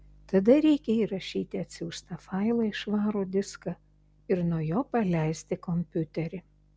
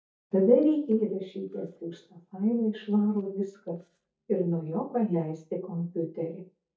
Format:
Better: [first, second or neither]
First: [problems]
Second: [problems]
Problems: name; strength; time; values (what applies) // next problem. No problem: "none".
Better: first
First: none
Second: noise reduction (neural mask model DeepFilterNet 3)